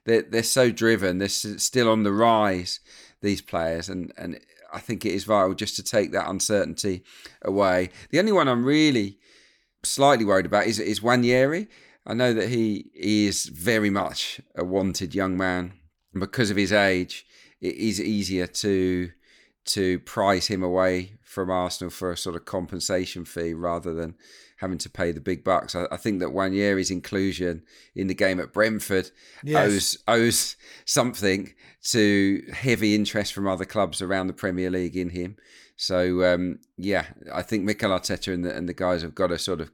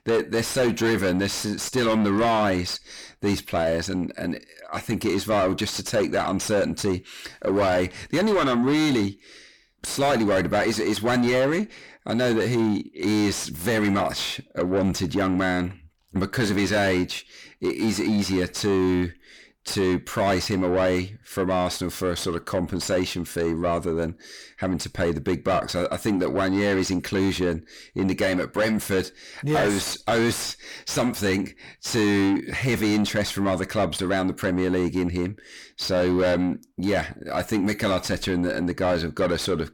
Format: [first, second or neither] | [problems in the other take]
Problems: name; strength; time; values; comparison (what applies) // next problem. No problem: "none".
first | distortion; heavy; 6 dB below the speech